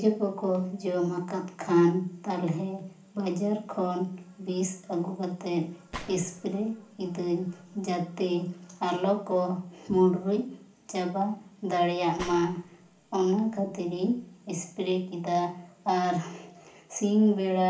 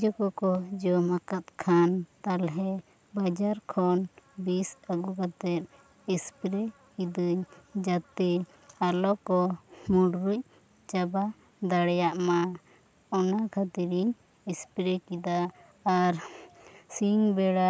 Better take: second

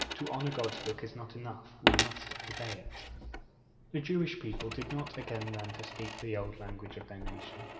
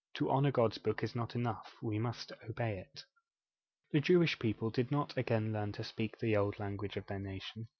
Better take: second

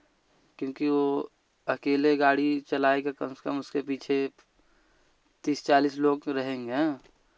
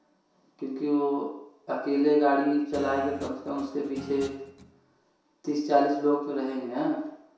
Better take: first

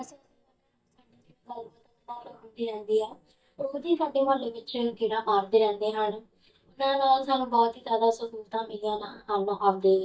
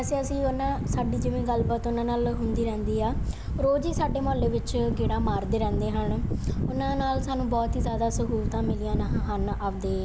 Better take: second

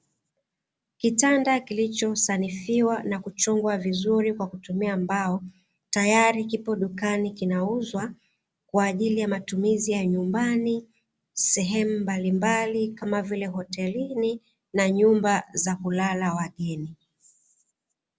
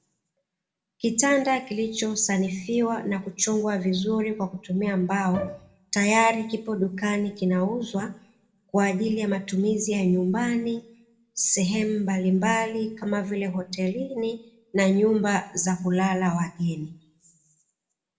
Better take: first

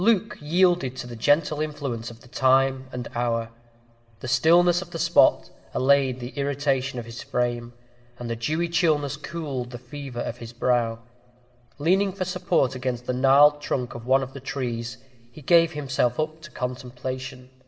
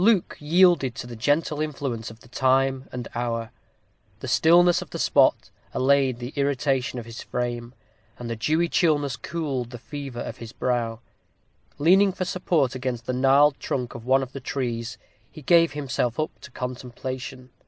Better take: second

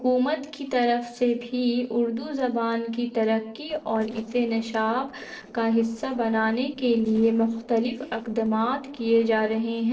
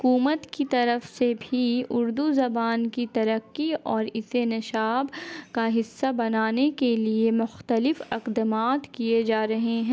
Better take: second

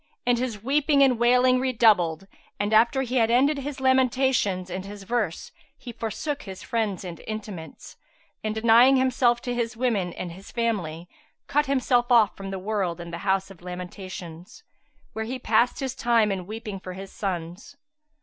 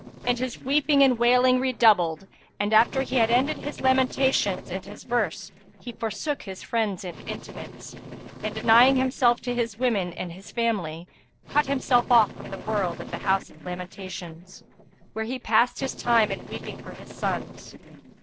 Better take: first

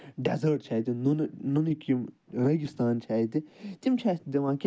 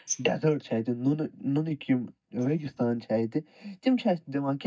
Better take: first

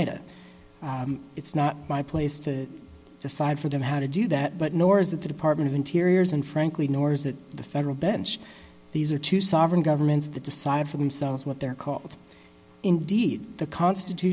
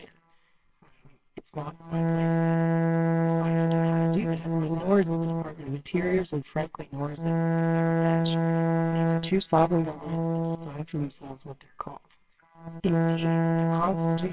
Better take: first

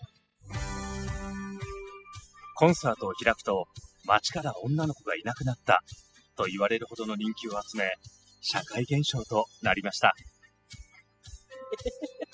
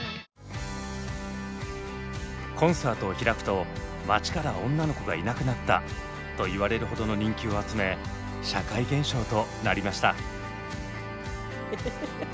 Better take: second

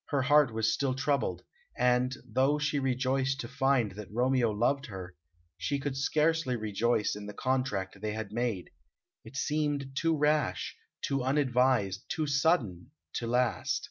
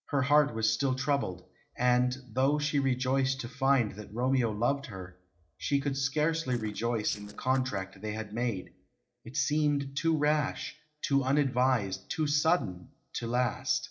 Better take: first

